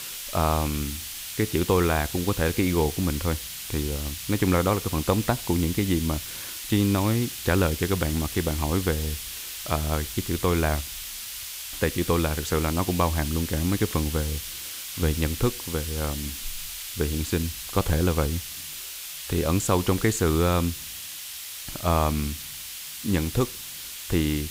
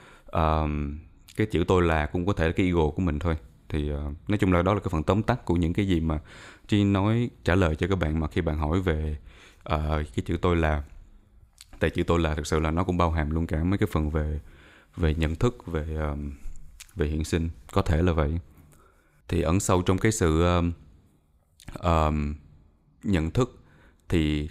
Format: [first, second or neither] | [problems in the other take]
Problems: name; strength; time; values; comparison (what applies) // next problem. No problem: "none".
second | hiss; loud; throughout; 7 dB below the speech